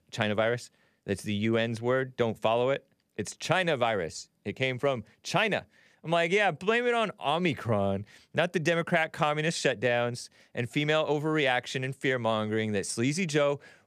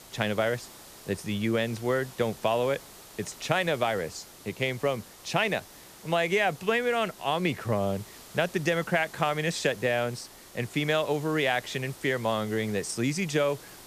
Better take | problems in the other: first | hiss; noticeable; throughout; 20 dB below the speech

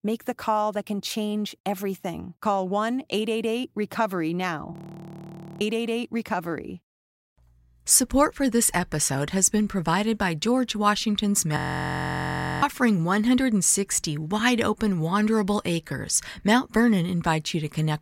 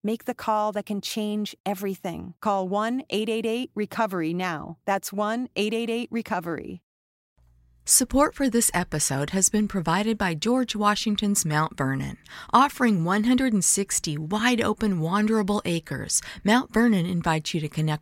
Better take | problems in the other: second | audio freezing; at 4.5 s for 1 s and at 12 s for 1 s

